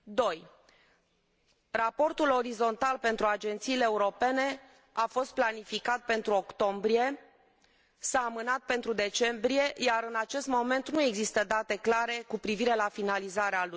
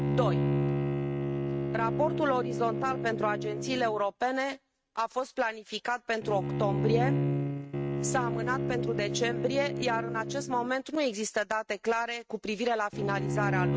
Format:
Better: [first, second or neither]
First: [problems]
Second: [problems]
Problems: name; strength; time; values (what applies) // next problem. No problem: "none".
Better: first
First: none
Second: noise reduction (neural mask model RNNoise)